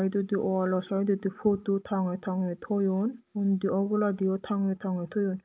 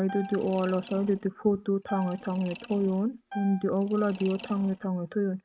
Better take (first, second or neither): first